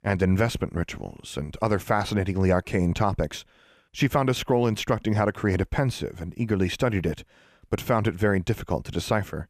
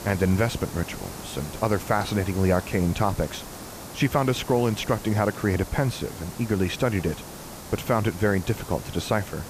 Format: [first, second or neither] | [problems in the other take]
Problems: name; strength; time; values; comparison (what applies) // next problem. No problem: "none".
first | hiss; noticeable; throughout; 15 dB below the speech